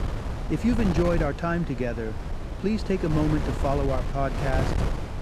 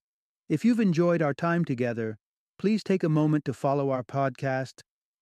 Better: second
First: wind noise on the microphone; heavy; 6 dB below the speech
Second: none

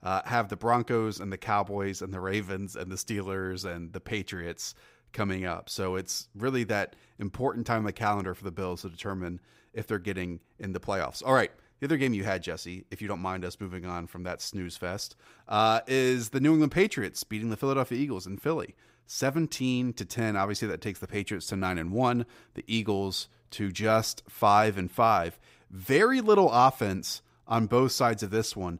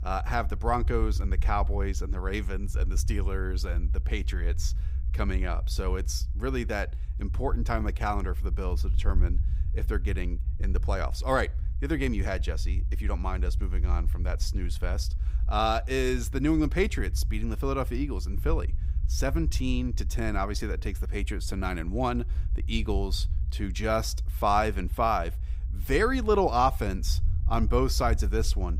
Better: first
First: none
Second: low rumble; faint; throughout; 20 dB below the speech

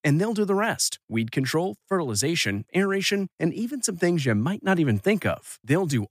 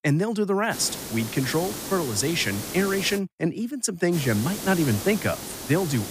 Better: first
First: none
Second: hiss; loud; from 0.5 to 3 s and from 4 s on; 8 dB below the speech

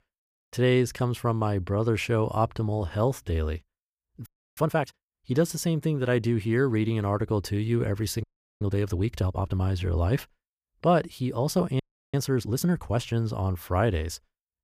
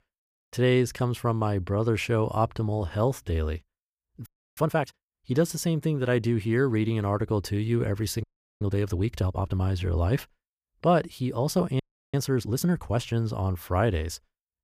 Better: neither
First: audio freezing; at 4.5 s, at 8 s and at 12 s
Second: audio freezing; at 4.5 s, at 8 s and at 12 s

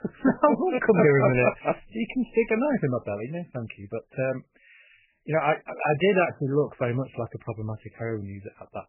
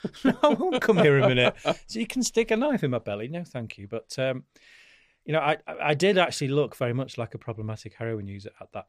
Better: second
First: garbled, watery; badly; nothing above 3 kHz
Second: none

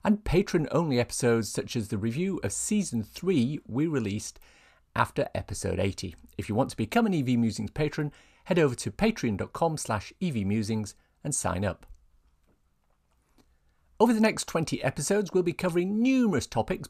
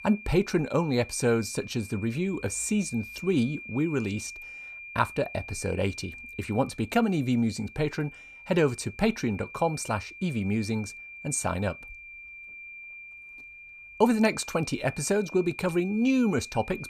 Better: first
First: none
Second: high-pitched whine; noticeable; throughout; 2.5 kHz, 15 dB below the speech

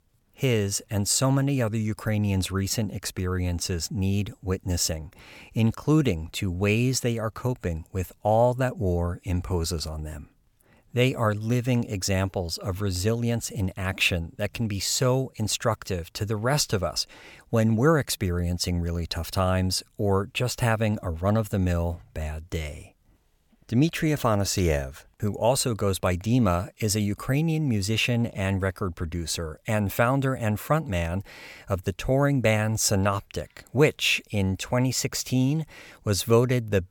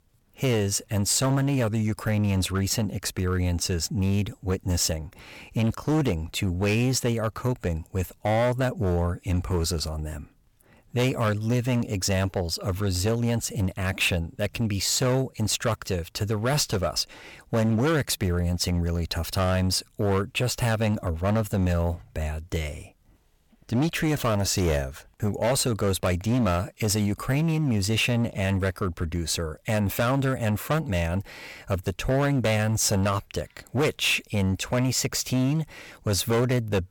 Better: first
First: none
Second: distortion; slight; 11% of the sound clipped

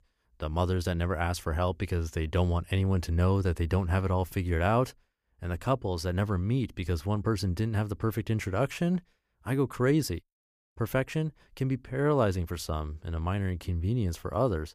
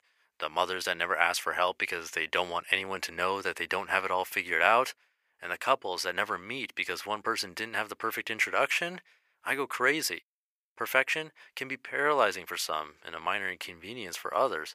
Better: first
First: none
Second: thin; very; fading below 700 Hz

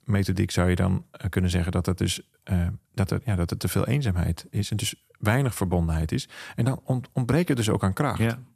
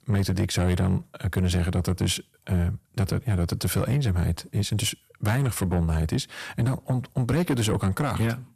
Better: first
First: none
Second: distortion; slight; 10 dB below the speech

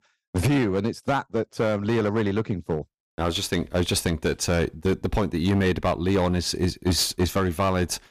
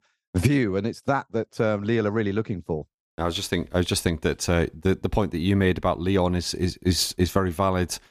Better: second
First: distortion; slight; 10% of the sound clipped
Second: none

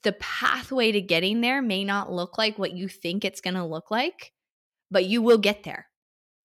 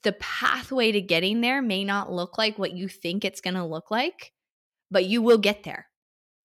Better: neither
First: none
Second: none

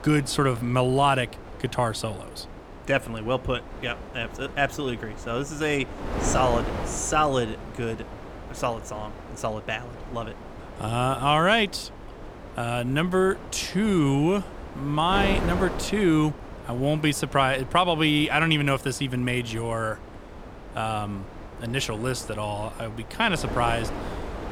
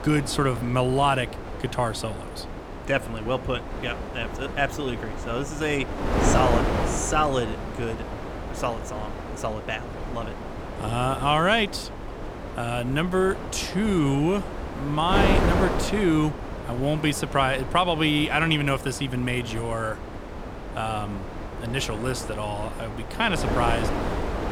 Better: first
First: wind noise on the microphone; occasional gusts; 15 dB below the speech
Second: wind noise on the microphone; heavy; 7 dB below the speech

